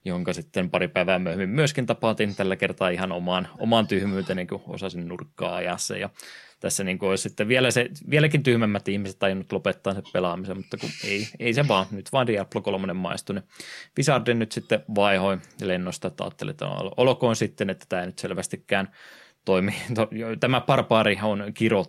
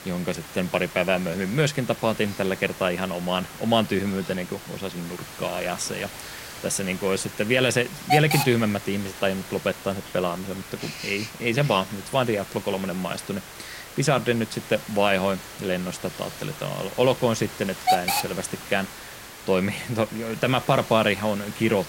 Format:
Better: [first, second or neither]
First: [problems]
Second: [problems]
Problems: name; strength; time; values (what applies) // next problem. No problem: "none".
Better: first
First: none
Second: hiss; loud; throughout; 9 dB below the speech